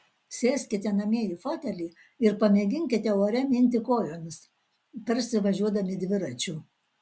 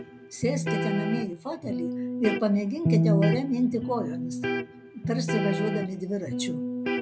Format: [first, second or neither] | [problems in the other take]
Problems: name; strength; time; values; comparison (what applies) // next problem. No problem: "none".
first | background sound (Electric guitar); 1 dB above the speech